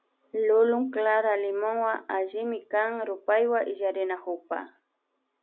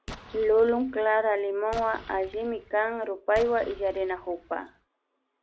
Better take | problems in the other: first | background sound (Explosion); 19 dB below the speech

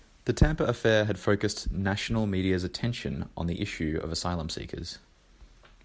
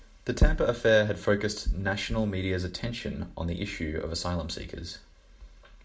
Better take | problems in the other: first | room echo; dies away in 0.3 s

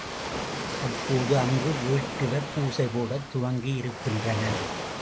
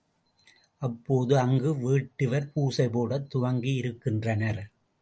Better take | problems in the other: second | background sound (Waves, surf); 5 dB below the speech

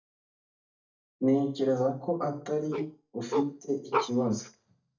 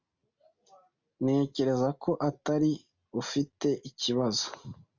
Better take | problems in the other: second | noise reduction (neural mask model DeepFilterNet 3)

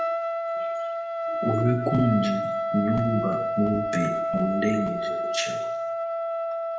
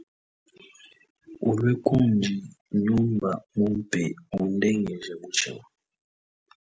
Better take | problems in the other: second | background sound (Trumpet); as loud as the speech // room echo; dies away in 0.8 s

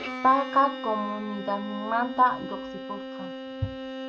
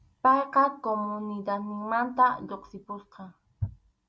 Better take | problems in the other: second | background sound (Bowed string instrument); 9 dB below the speech

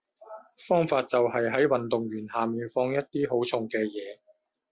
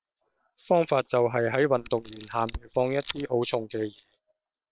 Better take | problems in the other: first | noise reduction (neural separator model SepFormer WHAM!)

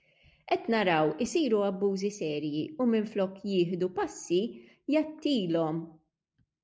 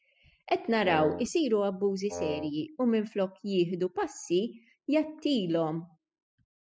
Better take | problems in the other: first | noise reduction (classical method spectral subtraction)

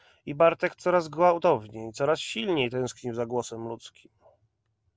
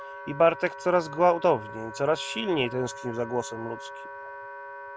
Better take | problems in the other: first | background sound (Wind instrument, woodwind instrument); 13 dB below the speech

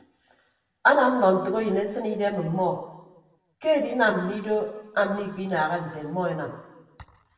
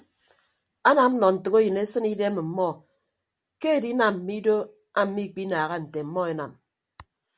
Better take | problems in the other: second | room echo; dies away in 1.1 s

